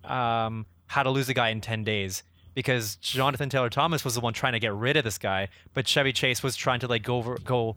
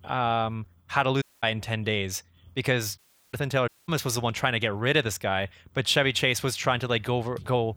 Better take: first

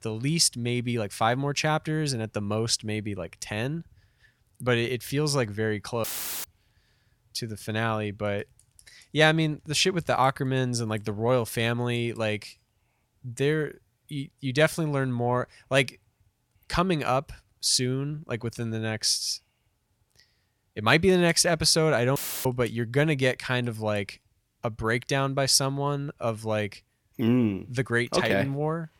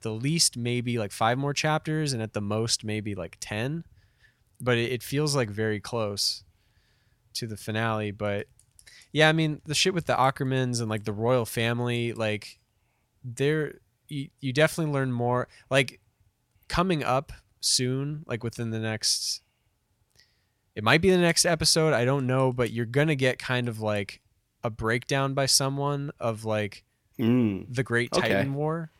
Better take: second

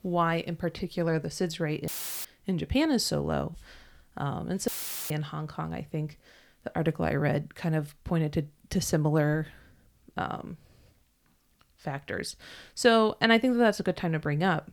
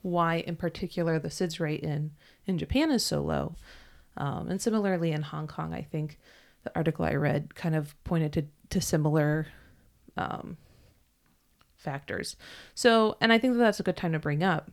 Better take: second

